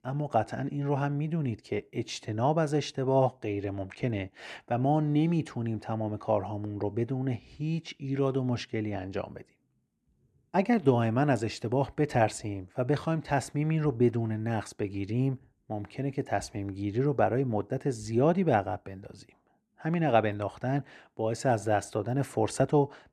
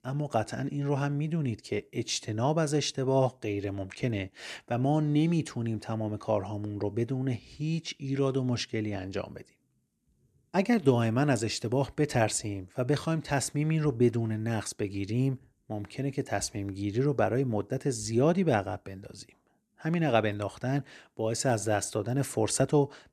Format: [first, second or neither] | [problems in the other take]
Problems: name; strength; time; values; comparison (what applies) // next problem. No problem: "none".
second | muffled; slightly; fading above 3.5 kHz